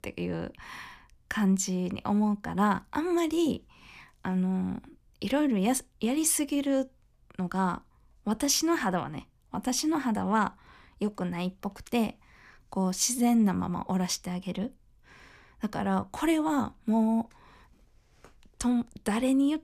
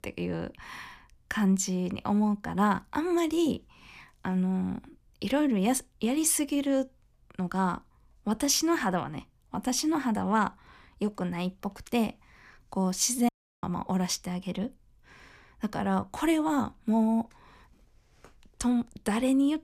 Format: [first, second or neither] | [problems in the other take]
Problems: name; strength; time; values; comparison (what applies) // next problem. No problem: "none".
first | audio cutting out; at 13 s